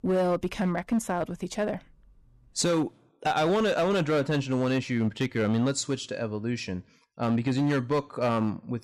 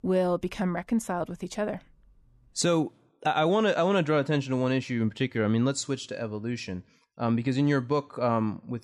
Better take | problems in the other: second | distortion; slight; 9% of the sound clipped

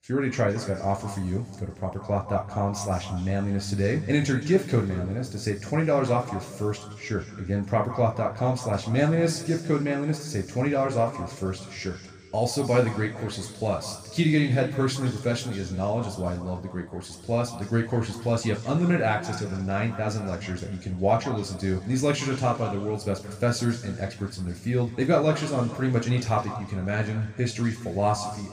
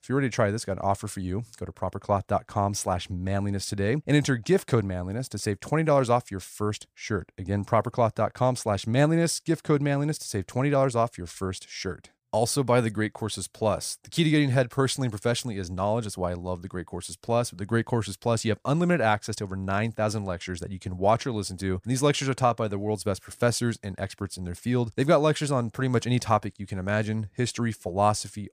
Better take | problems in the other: second | room echo; noticeable; dies away in 1.8 s // off-mic speech; somewhat distant

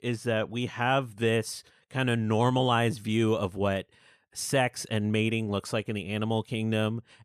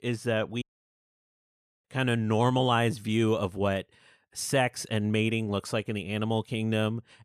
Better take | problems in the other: first | audio cutting out; at 0.5 s for 1 s

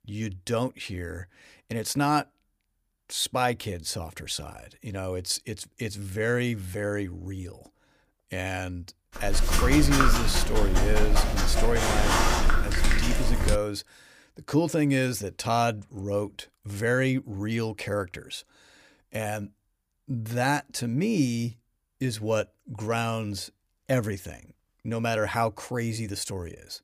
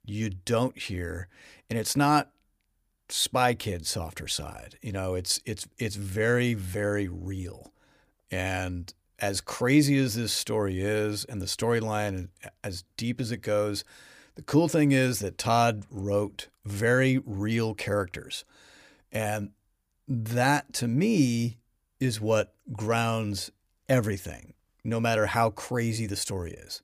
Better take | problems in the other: second | dog barking; loud; from 9 to 14 s; peak 6 dB above the speech

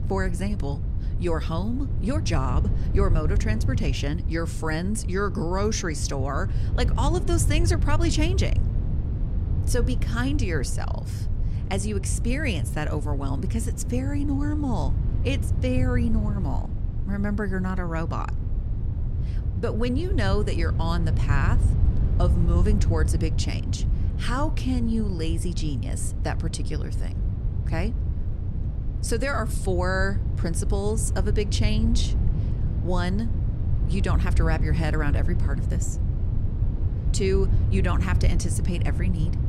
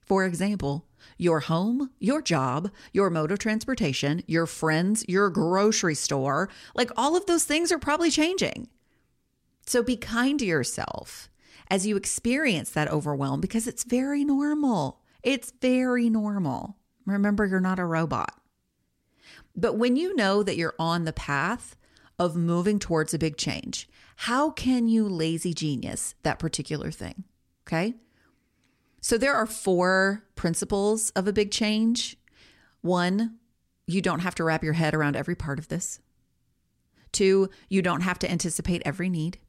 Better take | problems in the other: second | wind noise on the microphone; heavy; 10 dB below the speech

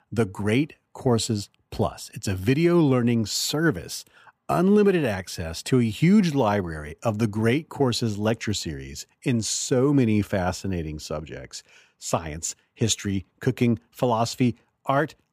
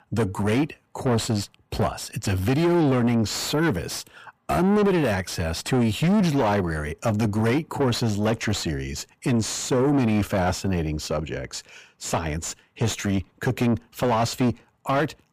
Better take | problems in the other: first | distortion; heavy; 7 dB below the speech

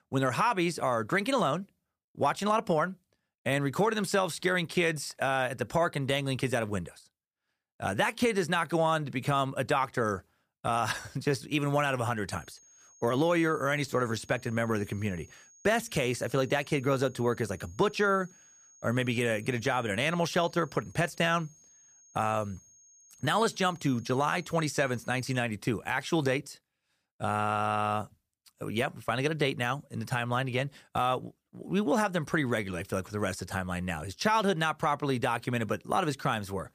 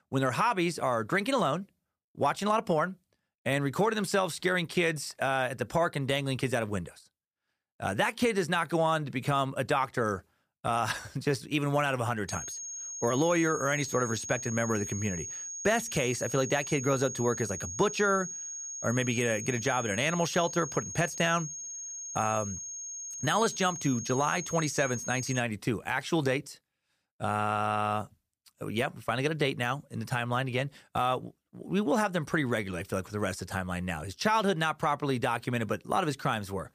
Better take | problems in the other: first | high-pitched whine; loud; from 12 to 25 s; 6.5 kHz, 7 dB below the speech; faint in the first

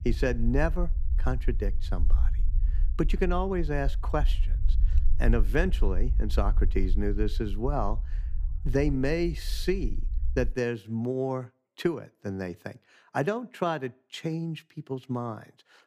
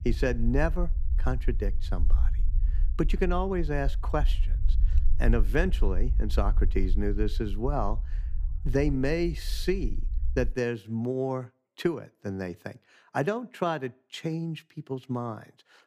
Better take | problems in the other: neither | low rumble; faint; until 11 s; 20 dB below the speech; the same in both

